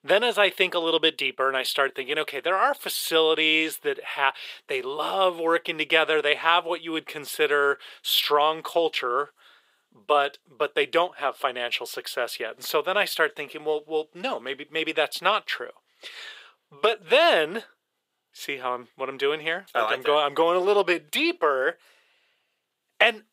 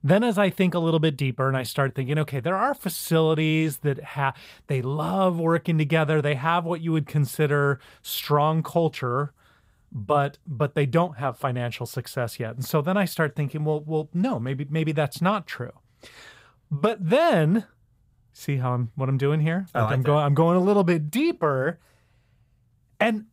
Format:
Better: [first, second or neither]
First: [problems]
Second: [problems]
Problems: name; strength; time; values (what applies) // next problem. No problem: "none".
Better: second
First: thin; very; fading below 400 Hz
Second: none